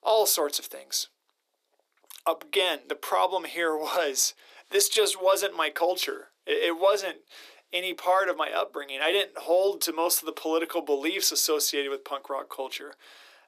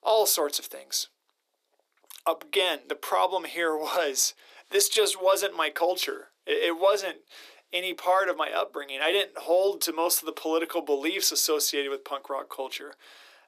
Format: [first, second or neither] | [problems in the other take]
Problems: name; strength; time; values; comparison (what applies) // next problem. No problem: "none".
neither | thin; very; fading below 350 Hz; the same in both